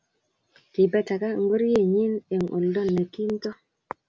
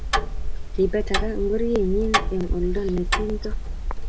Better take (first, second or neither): first